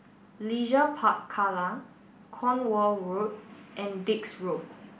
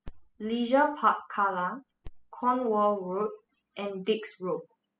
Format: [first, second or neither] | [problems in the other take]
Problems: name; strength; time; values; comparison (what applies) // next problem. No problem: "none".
first | noise reduction (classical method spectral subtraction)